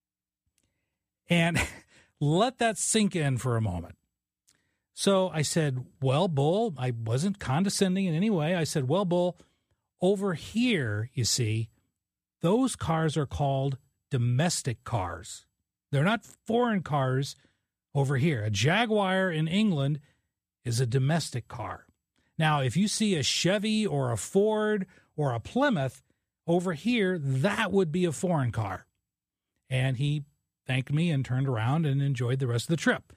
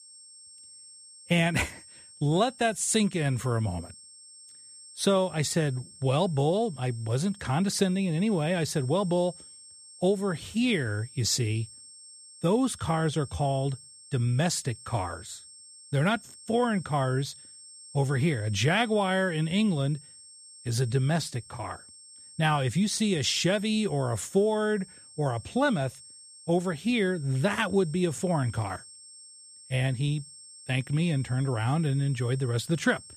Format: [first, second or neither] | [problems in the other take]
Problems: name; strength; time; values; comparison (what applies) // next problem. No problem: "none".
first | high-pitched whine; noticeable; throughout; 8.5 kHz, 20 dB below the speech